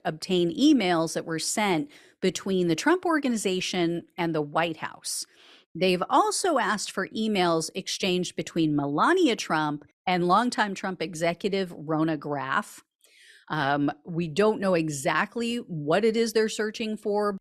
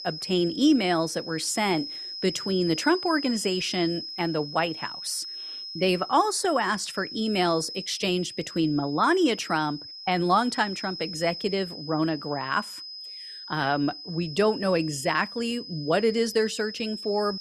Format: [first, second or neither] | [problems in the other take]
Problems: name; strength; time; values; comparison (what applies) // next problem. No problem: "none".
first | high-pitched whine; loud; throughout; 5 kHz, 10 dB below the speech